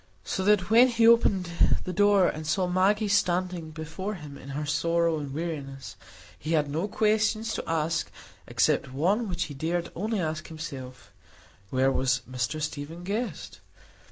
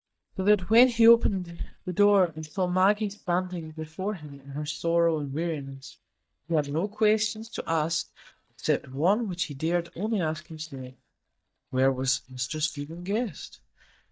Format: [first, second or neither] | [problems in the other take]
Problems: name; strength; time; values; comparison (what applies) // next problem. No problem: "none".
first | noise reduction (neural mask model DeepFilterNet 3)